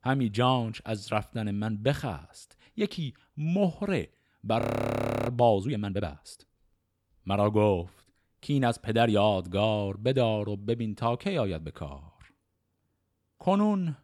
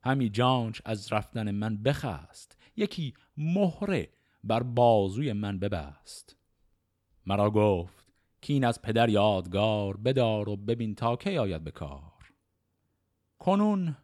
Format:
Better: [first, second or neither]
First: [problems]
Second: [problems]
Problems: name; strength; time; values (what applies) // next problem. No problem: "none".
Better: second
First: audio freezing; at 4.5 s for 0.5 s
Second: none